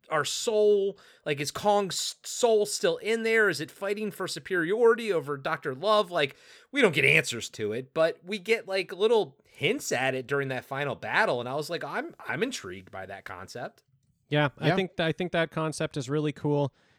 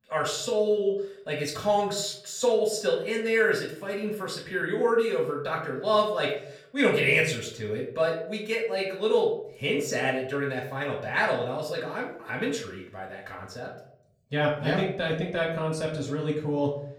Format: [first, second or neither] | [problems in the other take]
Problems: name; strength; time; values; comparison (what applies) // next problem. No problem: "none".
first | room echo; slight; dies away in 0.5 s // off-mic speech; far